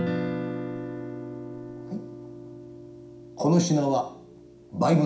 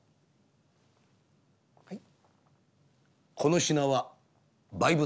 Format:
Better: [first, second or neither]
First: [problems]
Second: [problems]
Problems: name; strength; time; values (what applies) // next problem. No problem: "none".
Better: second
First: background sound (Guitar); 7 dB below the speech // room echo; dies away in 0.5 s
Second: none